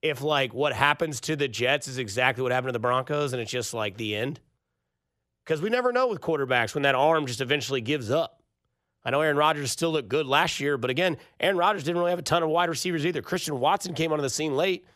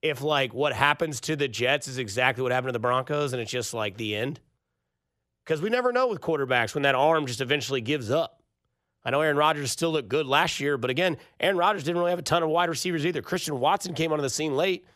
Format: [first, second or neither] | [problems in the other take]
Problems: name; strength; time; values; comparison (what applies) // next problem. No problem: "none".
neither | none